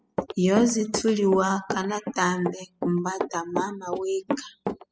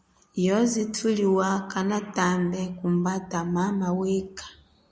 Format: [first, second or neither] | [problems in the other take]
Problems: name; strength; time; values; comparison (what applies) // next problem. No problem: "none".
second | noise reduction (classical method spectral subtraction)